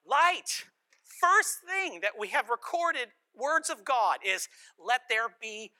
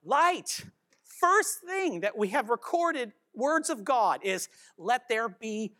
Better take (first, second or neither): second